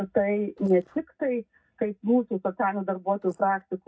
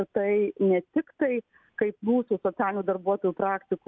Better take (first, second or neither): second